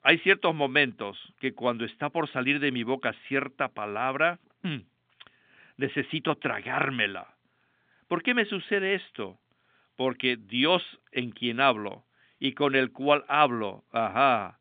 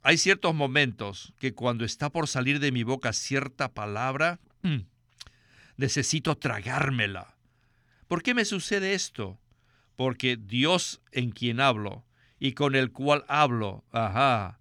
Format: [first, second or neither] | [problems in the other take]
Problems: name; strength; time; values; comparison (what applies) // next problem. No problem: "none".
second | phone-call audio